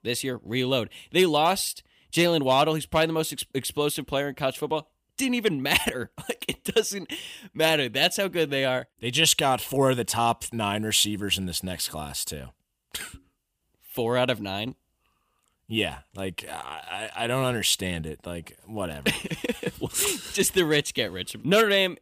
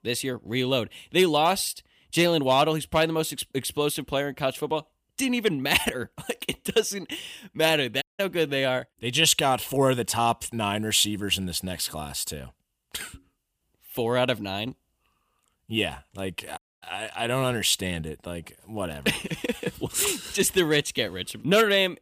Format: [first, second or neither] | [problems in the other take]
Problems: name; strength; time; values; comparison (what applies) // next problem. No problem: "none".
first | audio cutting out; at 8 s and at 17 s